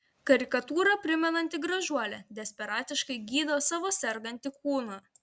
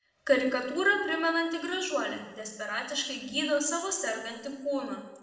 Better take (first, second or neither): first